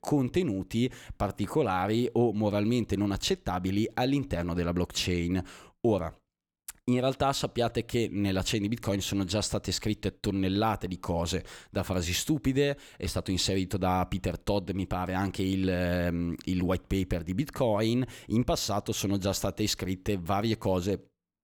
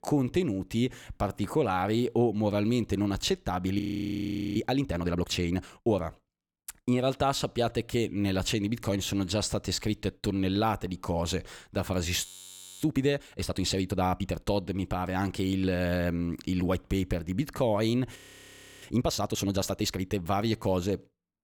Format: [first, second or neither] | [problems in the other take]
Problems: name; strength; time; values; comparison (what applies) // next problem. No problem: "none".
first | audio freezing; at 4 s for 1 s, at 12 s for 0.5 s and at 18 s for 0.5 s